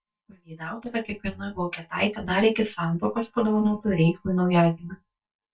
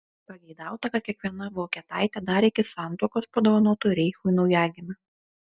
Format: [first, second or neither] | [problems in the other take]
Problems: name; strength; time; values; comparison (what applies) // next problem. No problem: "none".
second | noise reduction (neural mask model DeepFilterNet 3)